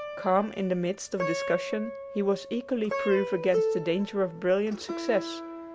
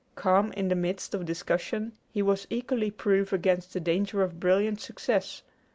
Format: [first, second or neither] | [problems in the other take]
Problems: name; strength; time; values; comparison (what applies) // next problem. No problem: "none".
second | background sound (Plucked string instrument); 6 dB below the speech